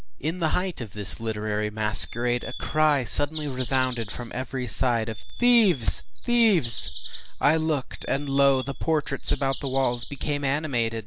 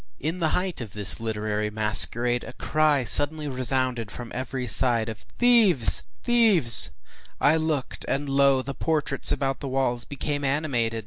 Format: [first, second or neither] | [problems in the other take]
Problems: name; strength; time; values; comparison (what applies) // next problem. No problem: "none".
second | background sound (Bird vocalization, bird call, bird song); 17 dB below the speech